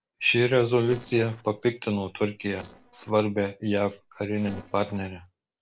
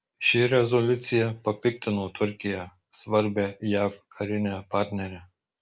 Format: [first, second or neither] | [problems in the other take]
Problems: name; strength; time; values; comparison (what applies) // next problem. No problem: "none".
second | noise reduction (neural separator model SepFormer DNS4)